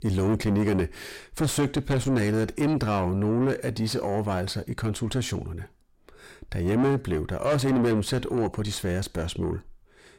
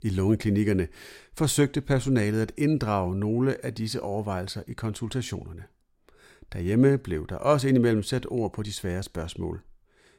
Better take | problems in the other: second | distortion; heavy; 6 dB below the speech

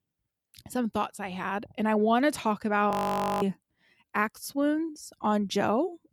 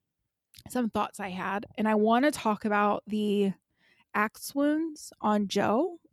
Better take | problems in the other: second | audio freezing; at 3 s for 0.5 s

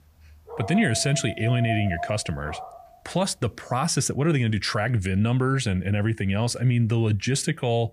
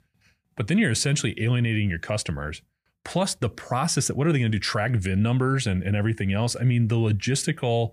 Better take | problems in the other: second | dog barking; noticeable; until 3 s; peak 7 dB below the speech

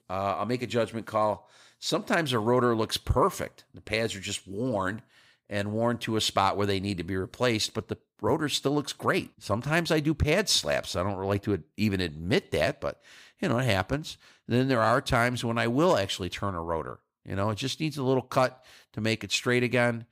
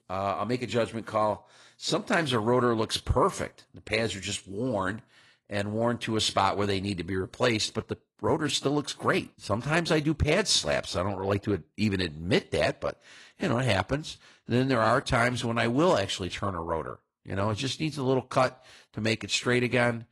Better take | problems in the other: first | garbled, watery; slightly; nothing above 11 kHz

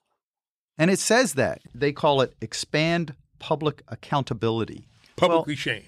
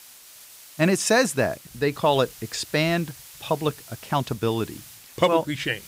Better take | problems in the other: first | hiss; noticeable; throughout; 20 dB below the speech

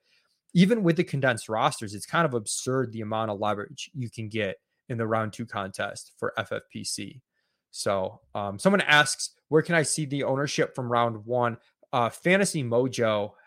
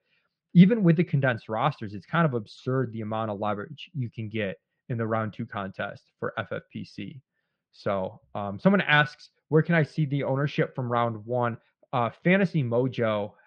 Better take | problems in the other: first | muffled; very; fading above 3.5 kHz

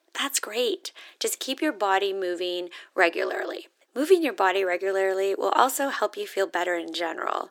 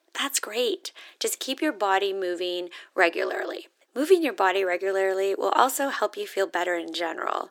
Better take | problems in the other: neither | thin; somewhat; fading below 300 Hz; the same in both

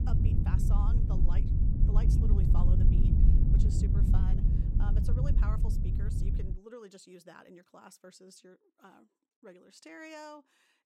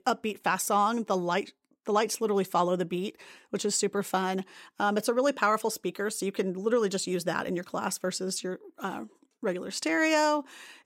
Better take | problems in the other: second | wind noise on the microphone; heavy; until 6.5 s; 4 dB above the speech

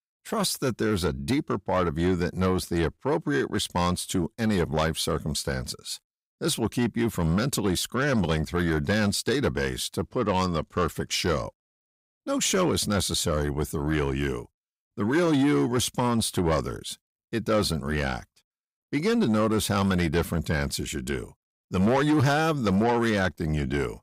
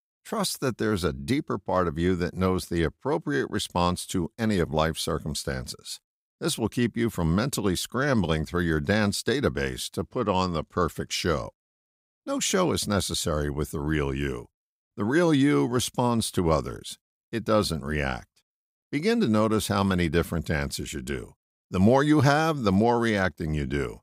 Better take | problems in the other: second | distortion; slight; 10 dB below the speech

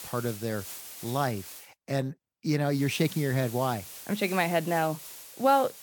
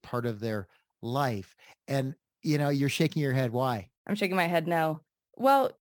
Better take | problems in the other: second | hiss; noticeable; until 1.5 s and from 2.5 s on; 10 dB below the speech

